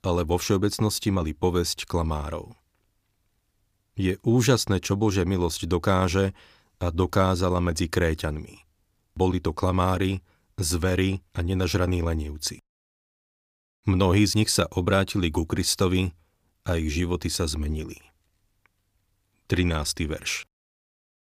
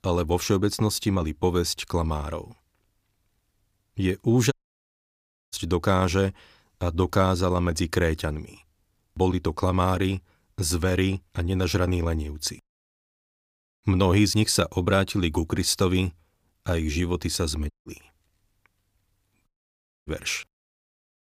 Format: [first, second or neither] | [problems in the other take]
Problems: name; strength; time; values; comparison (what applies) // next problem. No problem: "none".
first | audio cutting out; at 4.5 s for 1 s, at 18 s and at 19 s for 0.5 s